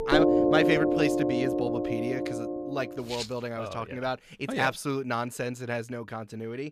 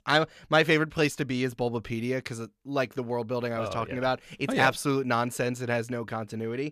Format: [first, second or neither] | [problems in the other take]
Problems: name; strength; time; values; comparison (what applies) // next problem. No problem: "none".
second | background music; very loud; until 3 s; 4 dB above the speech